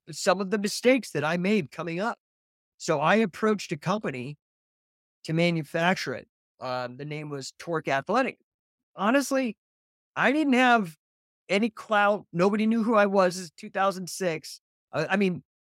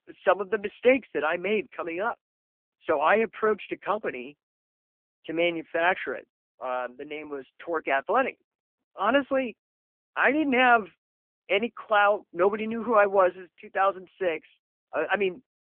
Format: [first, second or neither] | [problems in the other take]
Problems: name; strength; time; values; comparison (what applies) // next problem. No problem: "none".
first | phone-call audio; nothing above 3 kHz